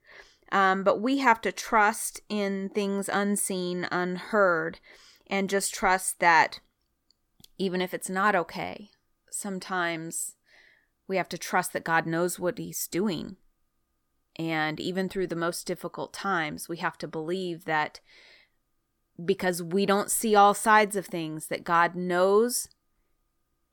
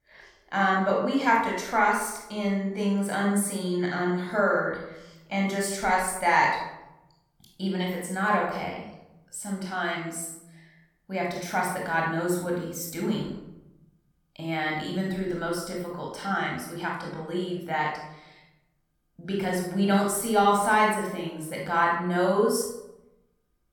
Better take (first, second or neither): first